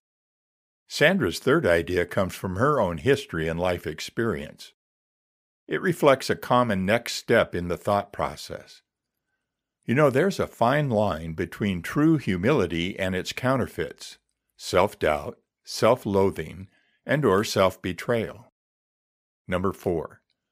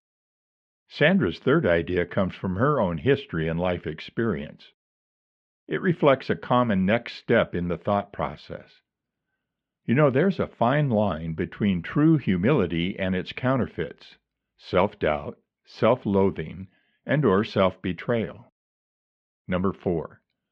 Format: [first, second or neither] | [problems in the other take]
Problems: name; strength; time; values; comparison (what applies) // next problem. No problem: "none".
first | muffled; slightly; fading above 3 kHz